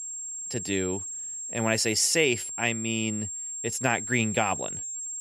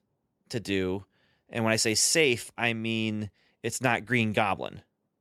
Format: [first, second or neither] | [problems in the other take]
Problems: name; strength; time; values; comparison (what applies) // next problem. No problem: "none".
second | high-pitched whine; loud; throughout; 7.5 kHz, 6 dB below the speech